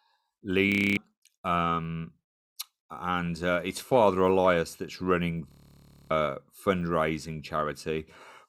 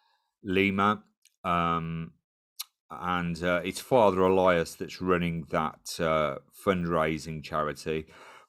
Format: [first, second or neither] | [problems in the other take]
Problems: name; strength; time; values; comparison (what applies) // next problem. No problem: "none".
second | audio freezing; at 0.5 s and at 5.5 s for 0.5 s